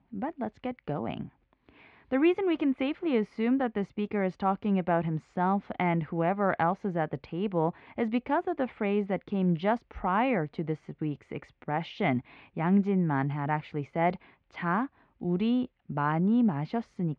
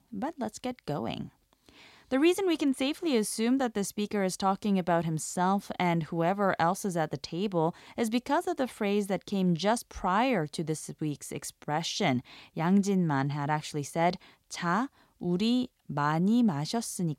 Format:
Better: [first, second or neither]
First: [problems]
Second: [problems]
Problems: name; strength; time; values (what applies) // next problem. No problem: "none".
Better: second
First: muffled; very; fading above 2.5 kHz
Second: none